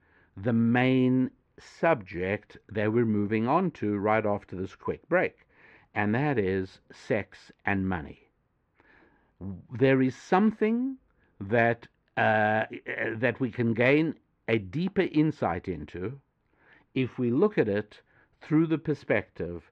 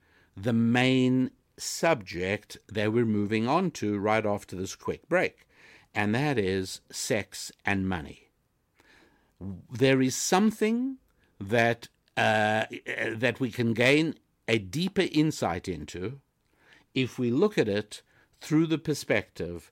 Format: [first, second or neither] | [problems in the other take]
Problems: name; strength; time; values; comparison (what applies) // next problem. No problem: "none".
second | muffled; very; fading above 2 kHz